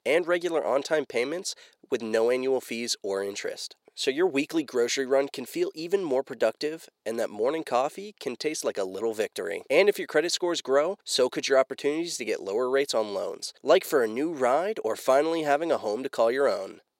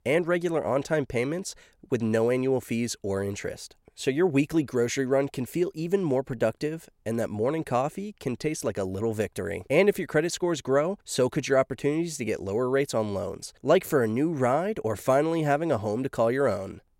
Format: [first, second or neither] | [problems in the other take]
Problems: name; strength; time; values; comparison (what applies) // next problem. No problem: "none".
second | thin; somewhat; fading below 400 Hz